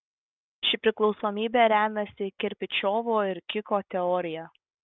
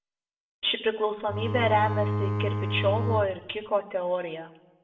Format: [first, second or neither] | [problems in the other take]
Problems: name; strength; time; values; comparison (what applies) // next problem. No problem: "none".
first | background sound (Bowed string instrument); as loud as the speech // room echo; dies away in 0.6 s